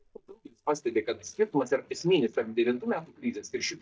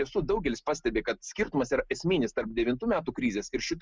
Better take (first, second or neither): second